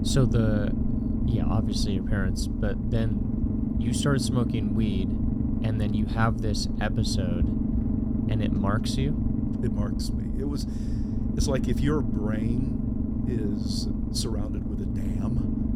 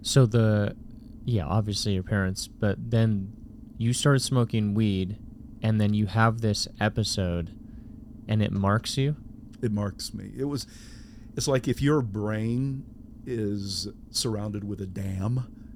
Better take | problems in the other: second | low rumble; loud; throughout; 2 dB below the speech; faint in the second

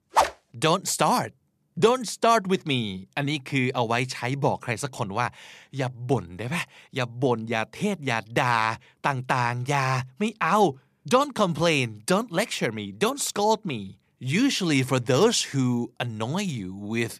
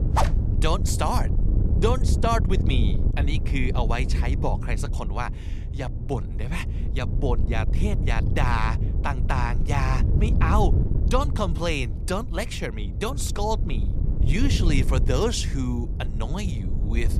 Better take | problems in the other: first | wind noise on the microphone; occasional gusts; 10 dB below the speech

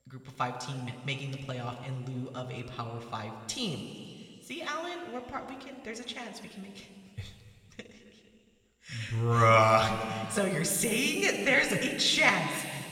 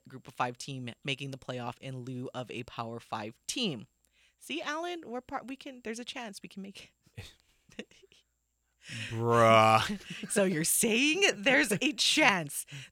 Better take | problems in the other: second | room echo; noticeable; dies away in 2.3 s // off-mic speech; somewhat distant

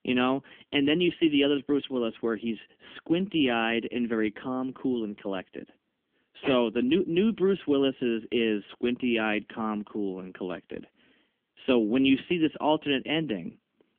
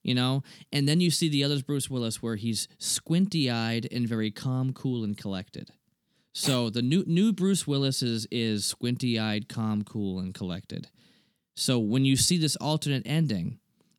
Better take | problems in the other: second | phone-call audio; poor line; nothing above 3.5 kHz

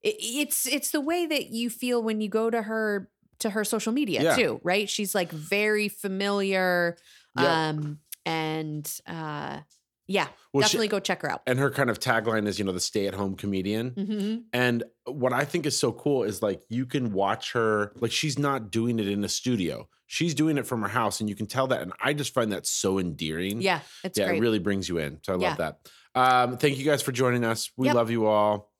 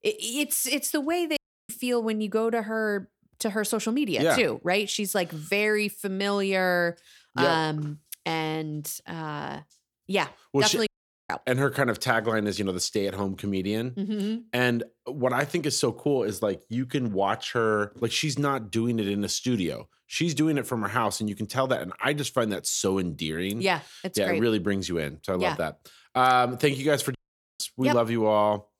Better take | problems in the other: first | audio cutting out; at 1.5 s, at 11 s and at 27 s

